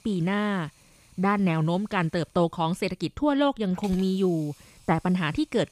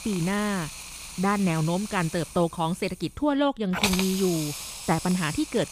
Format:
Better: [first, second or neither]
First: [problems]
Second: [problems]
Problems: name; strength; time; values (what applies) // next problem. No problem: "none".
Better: first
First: hiss; faint; throughout; 25 dB below the speech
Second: hiss; loud; throughout; 7 dB below the speech